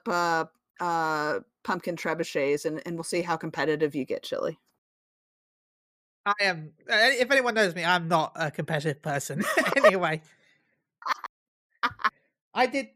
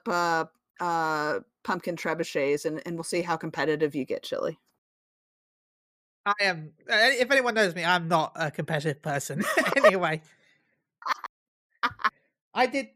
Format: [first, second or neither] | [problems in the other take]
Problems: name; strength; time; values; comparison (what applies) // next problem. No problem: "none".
neither | none